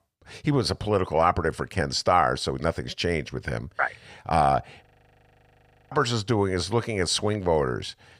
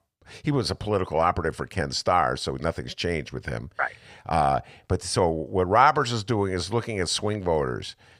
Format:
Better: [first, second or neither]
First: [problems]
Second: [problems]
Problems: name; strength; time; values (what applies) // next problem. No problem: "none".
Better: second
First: audio freezing; at 5 s for 1 s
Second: none